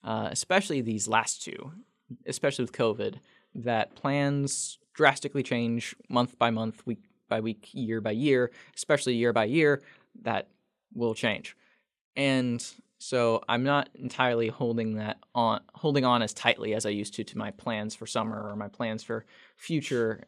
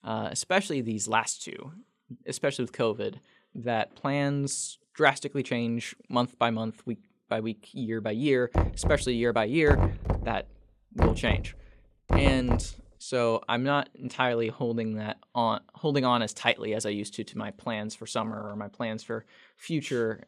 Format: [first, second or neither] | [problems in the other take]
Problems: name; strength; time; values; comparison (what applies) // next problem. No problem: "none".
first | door banging; loud; from 8.5 to 13 s; peak 3 dB above the speech